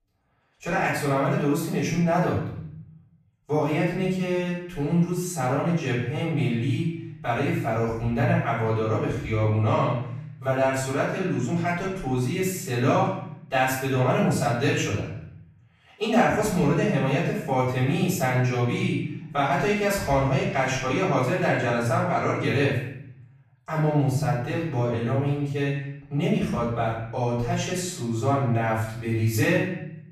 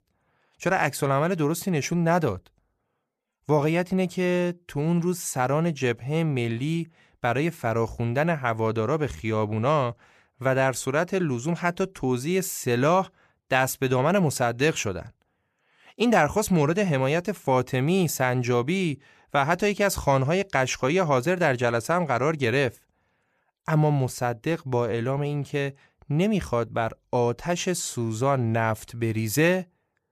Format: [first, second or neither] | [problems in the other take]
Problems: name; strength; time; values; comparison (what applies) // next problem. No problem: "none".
second | off-mic speech; far // room echo; noticeable; dies away in 0.8 s